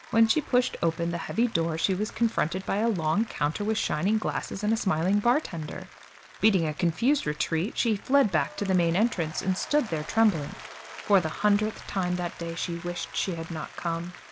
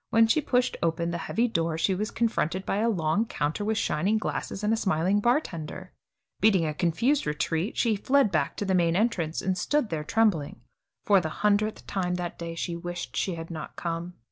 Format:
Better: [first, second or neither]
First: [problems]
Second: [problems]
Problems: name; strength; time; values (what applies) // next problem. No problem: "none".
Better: second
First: background sound (Applause); 19 dB below the speech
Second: none